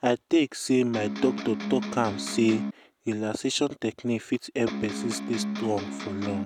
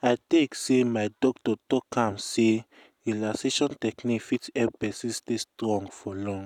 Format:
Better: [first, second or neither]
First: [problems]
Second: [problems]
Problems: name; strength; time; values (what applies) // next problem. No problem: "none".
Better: second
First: background sound (Electric guitar); 5 dB below the speech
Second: none